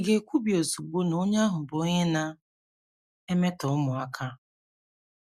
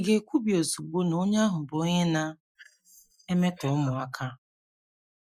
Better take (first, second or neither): first